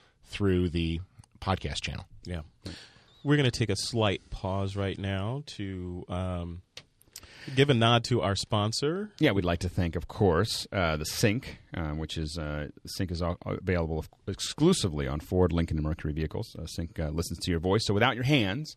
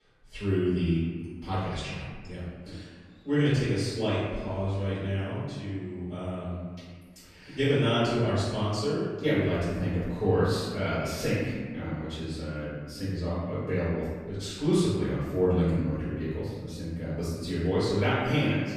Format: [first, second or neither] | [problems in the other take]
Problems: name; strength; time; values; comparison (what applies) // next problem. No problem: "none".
first | off-mic speech; far // room echo; strong; dies away in 1.5 s